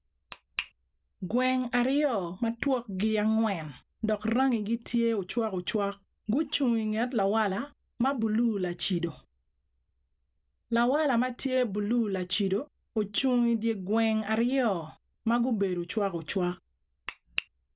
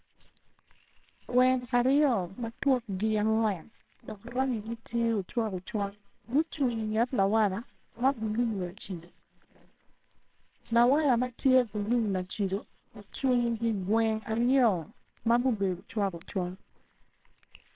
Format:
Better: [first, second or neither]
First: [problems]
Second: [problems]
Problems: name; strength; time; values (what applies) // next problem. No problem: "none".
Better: first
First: none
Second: noise reduction (neural separator model SepFormer WHAMR!)